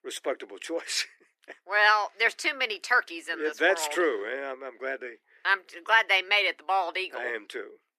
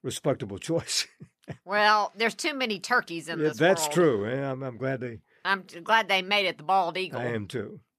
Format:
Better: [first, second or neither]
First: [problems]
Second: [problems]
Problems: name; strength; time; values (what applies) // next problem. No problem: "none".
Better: second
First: thin; very; fading below 300 Hz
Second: none